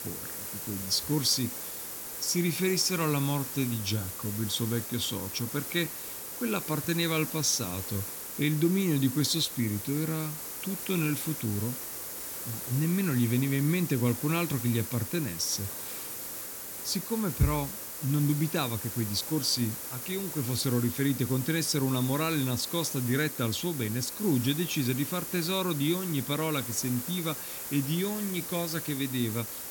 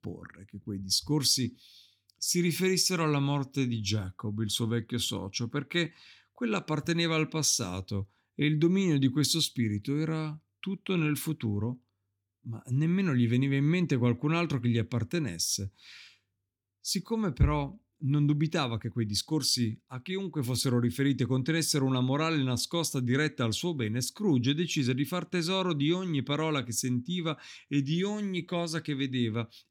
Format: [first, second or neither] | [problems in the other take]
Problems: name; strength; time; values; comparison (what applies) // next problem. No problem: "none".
second | hiss; loud; throughout; 6 dB below the speech